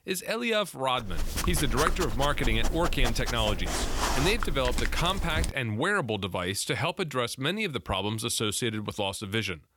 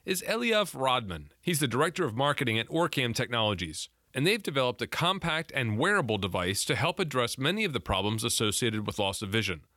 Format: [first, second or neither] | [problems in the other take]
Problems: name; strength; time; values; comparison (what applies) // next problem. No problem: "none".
second | dog barking; loud; from 1 to 5.5 s; peak 1 dB above the speech